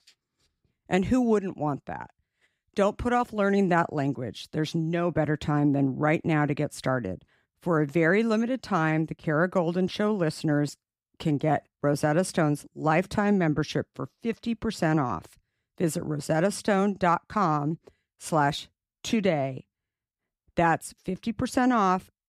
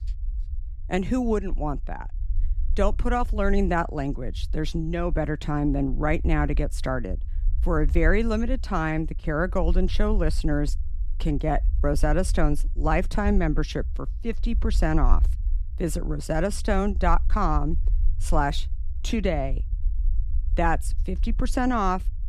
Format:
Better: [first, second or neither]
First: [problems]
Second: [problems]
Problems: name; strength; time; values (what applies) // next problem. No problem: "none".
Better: first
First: none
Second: low rumble; faint; throughout; 25 dB below the speech